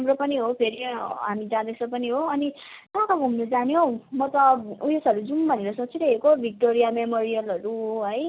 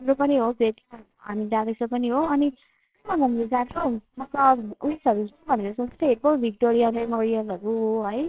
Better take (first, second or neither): first